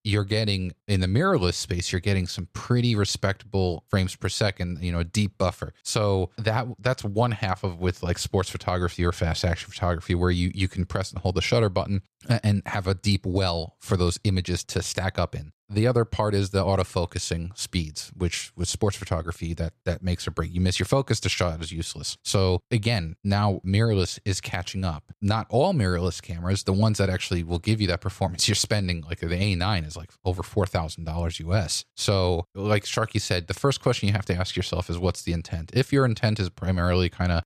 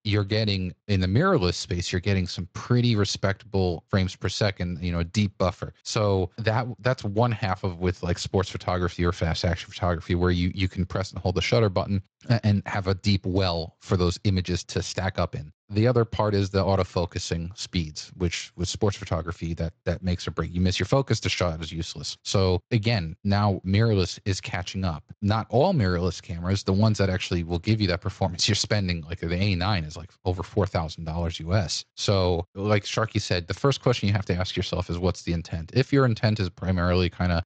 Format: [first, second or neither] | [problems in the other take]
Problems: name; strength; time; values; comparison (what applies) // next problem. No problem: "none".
first | garbled, watery; slightly; nothing above 7.5 kHz